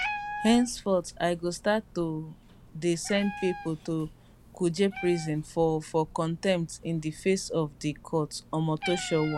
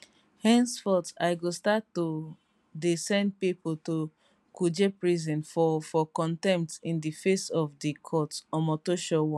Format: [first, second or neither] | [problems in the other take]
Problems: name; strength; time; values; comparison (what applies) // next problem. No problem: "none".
second | background sound (Meow); 13 dB below the speech